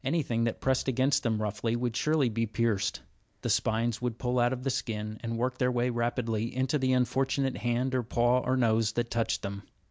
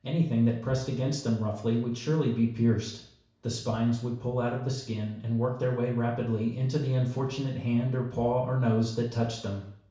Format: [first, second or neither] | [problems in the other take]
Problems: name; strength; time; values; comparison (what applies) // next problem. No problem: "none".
first | room echo; dies away in 0.6 s